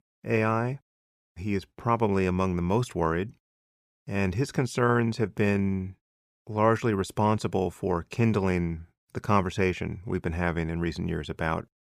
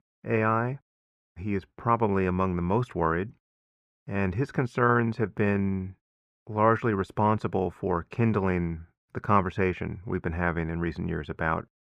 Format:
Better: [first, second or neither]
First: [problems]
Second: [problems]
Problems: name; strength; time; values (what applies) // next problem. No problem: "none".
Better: first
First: none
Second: muffled; slightly; fading above 3.5 kHz